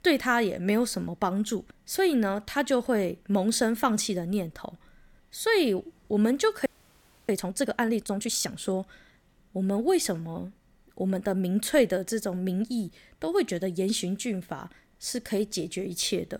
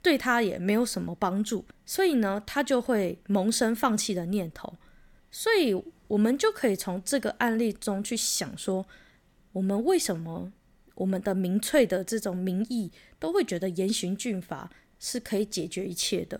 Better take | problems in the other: second | audio freezing; at 6.5 s for 0.5 s

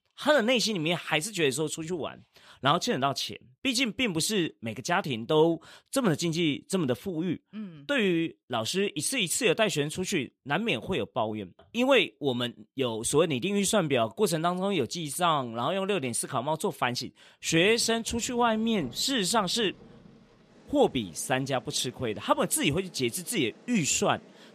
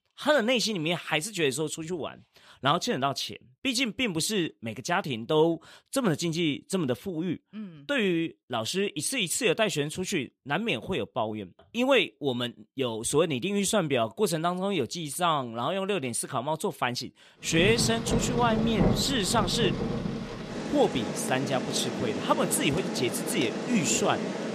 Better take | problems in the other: first | rain or running water; loud; from 18 s on; 4 dB below the speech; faint in the first

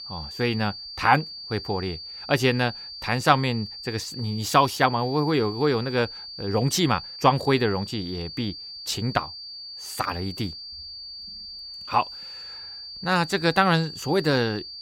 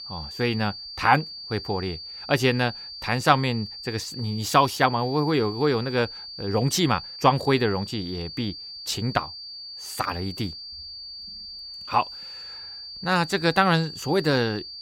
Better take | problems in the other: neither | high-pitched whine; noticeable; throughout; 4.5 kHz, 10 dB below the speech; the same in both

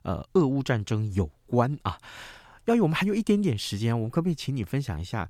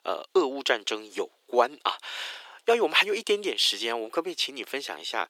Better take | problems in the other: first | thin; very; fading below 350 Hz

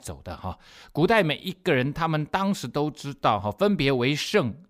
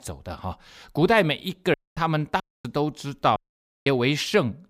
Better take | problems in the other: first | audio cutting out; at 1.5 s, at 2.5 s and at 3.5 s for 0.5 s

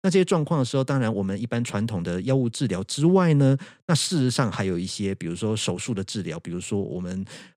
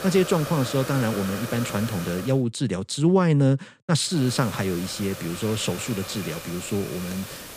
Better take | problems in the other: first | hiss; noticeable; until 2.5 s and from 4 s on; 10 dB below the speech

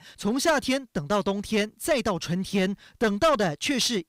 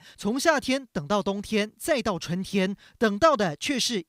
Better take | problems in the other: second | distortion; slight; 6% of the sound clipped

